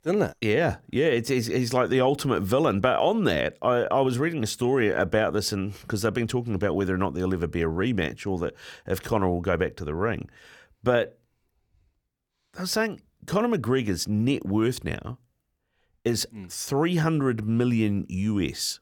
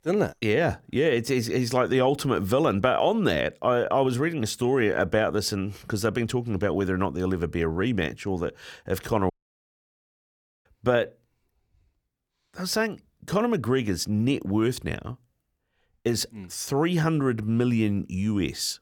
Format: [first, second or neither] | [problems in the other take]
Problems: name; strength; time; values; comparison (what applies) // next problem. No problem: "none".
first | audio cutting out; at 9.5 s for 1.5 s